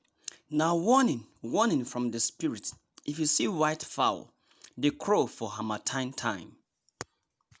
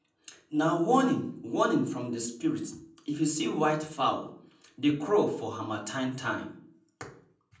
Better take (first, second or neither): first